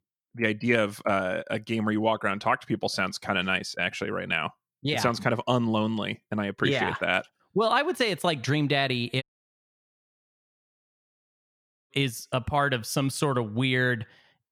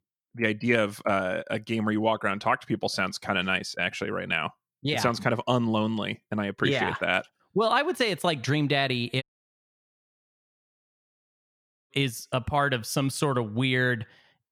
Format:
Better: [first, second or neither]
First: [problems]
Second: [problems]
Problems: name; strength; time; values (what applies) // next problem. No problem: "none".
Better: neither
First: audio cutting out; at 9 s for 2.5 s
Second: audio cutting out; at 9 s for 2.5 s